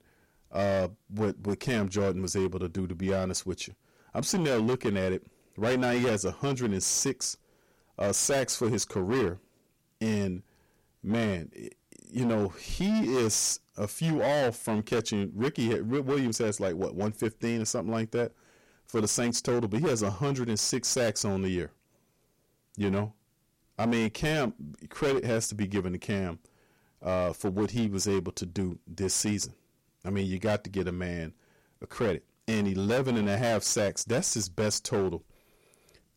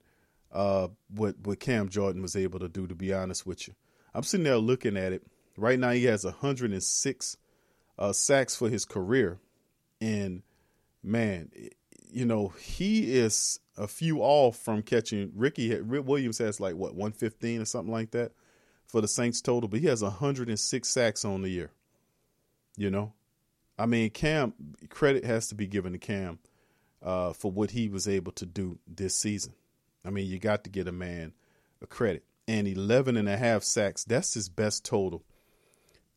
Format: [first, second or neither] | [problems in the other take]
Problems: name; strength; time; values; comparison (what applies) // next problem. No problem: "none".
second | distortion; heavy; 13% of the sound clipped